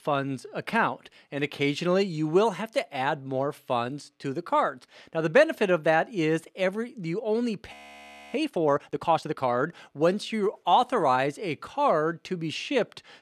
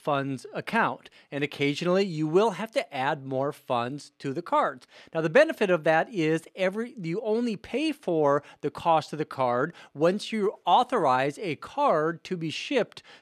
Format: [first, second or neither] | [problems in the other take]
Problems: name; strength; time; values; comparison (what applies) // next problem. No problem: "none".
second | audio freezing; at 7.5 s for 0.5 s